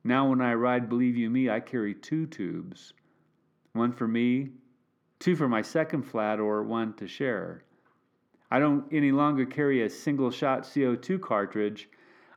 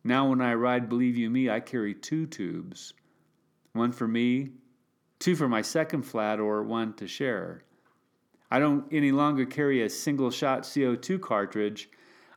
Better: second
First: muffled; slightly; fading above 4 kHz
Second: none

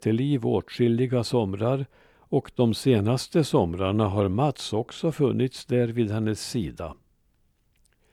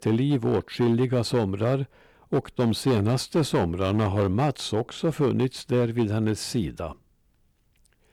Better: first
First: none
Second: distortion; slight; 7% of the sound clipped

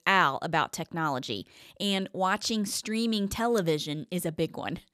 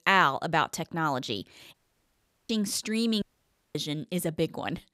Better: first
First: none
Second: audio cutting out; at 1.5 s for 1 s and at 3 s for 0.5 s

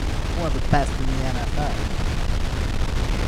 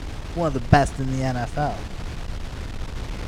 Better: second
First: wind noise on the microphone; heavy; 3 dB below the speech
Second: wind noise on the microphone; occasional gusts; 15 dB below the speech

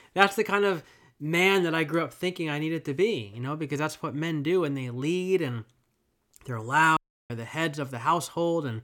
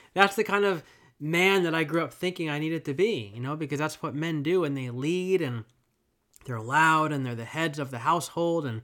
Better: second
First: audio cutting out; at 7 s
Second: none

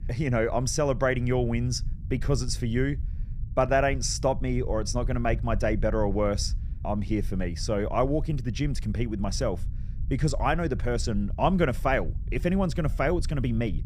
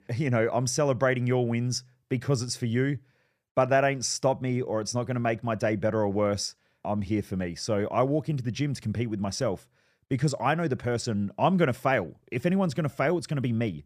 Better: second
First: low rumble; faint; throughout; 25 dB below the speech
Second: none

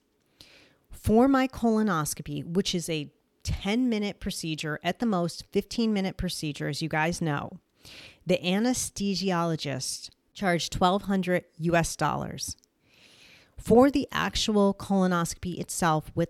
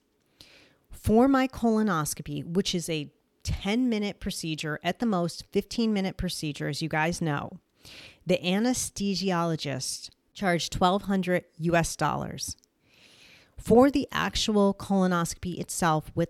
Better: neither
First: none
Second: none

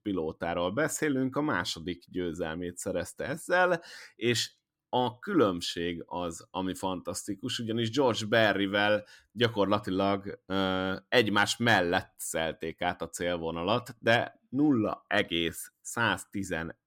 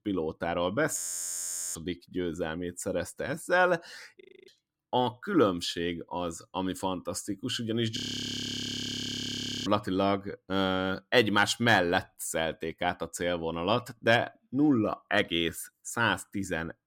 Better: first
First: none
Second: audio freezing; at 1 s for 1 s, at 4 s and at 8 s for 1.5 s

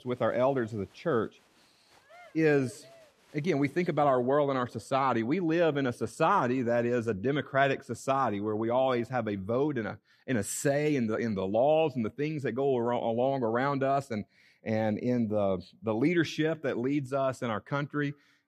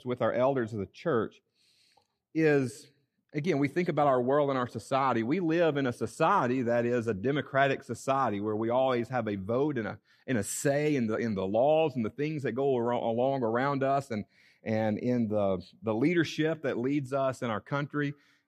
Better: second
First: crowd noise; faint; until 4 s; 30 dB below the speech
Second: none

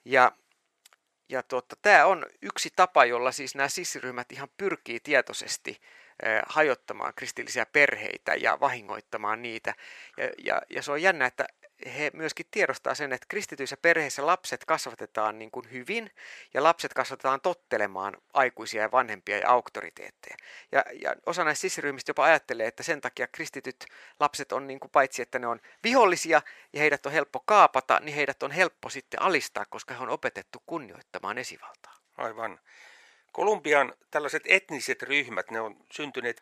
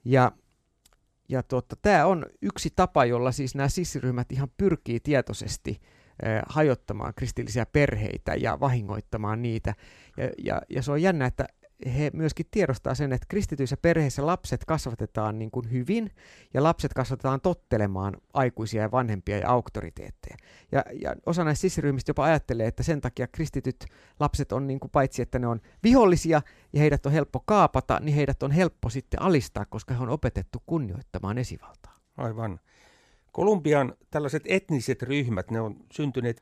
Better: second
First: thin; very; fading below 550 Hz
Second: none

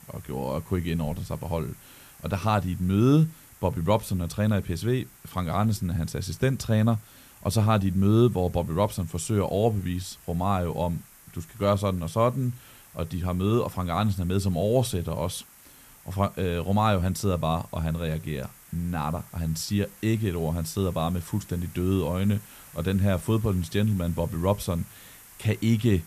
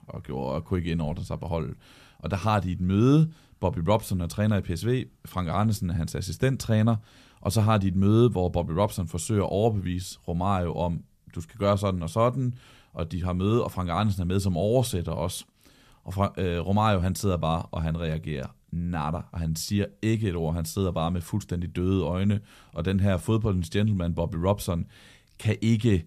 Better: second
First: hiss; faint; throughout; 20 dB below the speech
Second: none

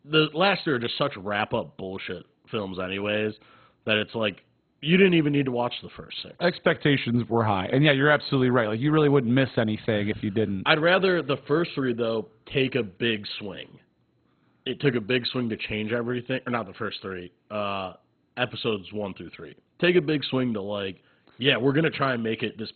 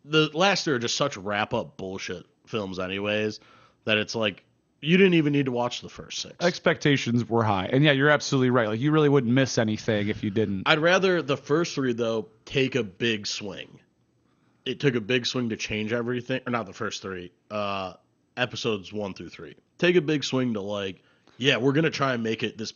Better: second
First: garbled, watery; badly; nothing above 4 kHz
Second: garbled, watery; slightly; nothing above 6.5 kHz

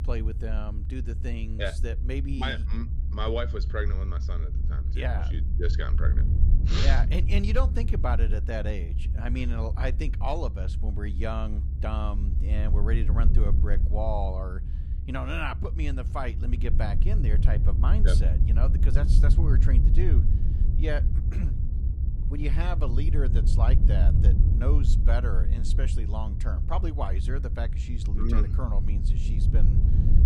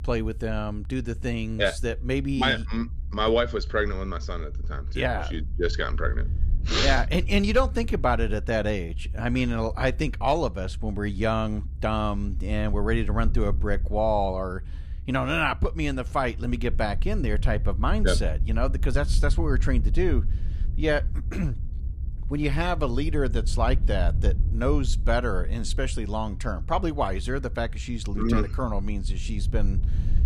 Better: second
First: low rumble; loud; throughout; 8 dB below the speech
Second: low rumble; faint; throughout; 20 dB below the speech

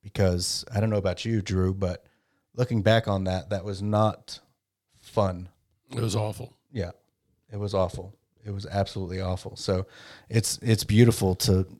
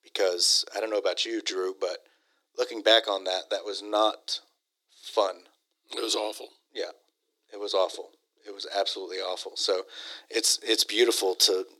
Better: first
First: none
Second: thin; very; fading below 300 Hz

